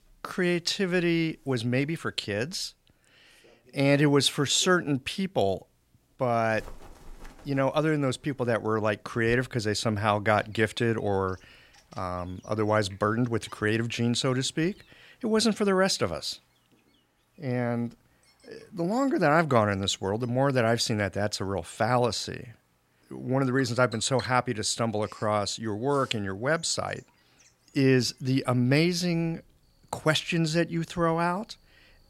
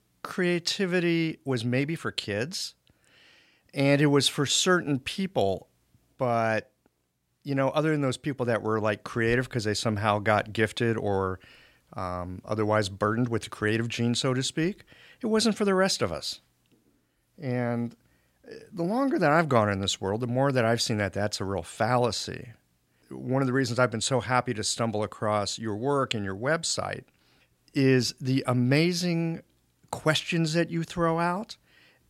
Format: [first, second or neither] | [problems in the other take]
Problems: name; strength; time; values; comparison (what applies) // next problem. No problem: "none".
second | animal sounds; faint; throughout; 25 dB below the speech